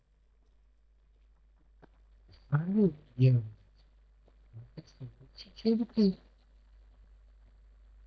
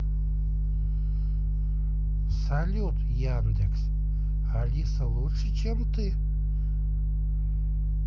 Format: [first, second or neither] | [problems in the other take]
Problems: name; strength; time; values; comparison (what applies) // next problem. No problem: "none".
second | noise reduction (neural mask model DeepFilterNet 3)